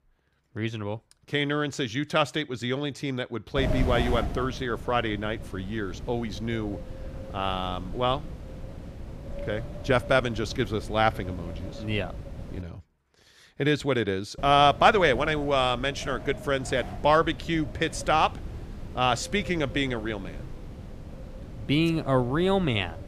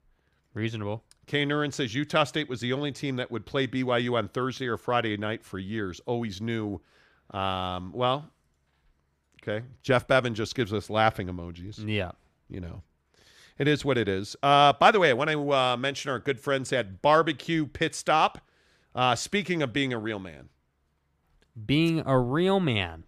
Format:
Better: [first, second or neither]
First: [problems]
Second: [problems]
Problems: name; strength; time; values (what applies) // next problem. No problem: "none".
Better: second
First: wind noise on the microphone; occasional gusts; from 3.5 to 13 s and from 14 s on; 15 dB below the speech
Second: none